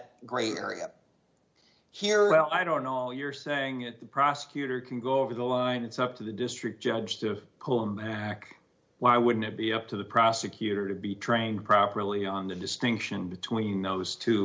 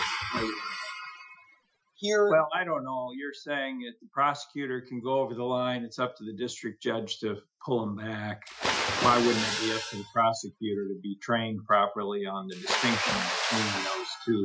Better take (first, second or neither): first